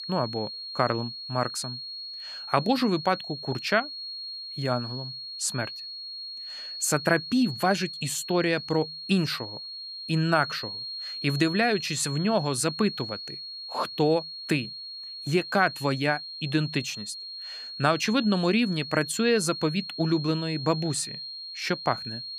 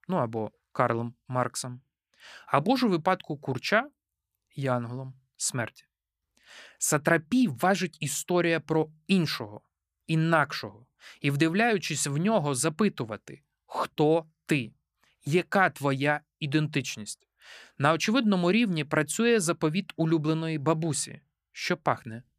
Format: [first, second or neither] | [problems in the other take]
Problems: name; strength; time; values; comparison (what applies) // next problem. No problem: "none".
second | high-pitched whine; loud; throughout; 4.5 kHz, 8 dB below the speech